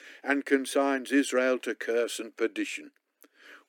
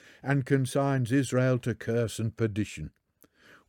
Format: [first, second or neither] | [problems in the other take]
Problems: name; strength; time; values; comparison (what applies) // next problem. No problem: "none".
second | thin; very slightly; fading below 250 Hz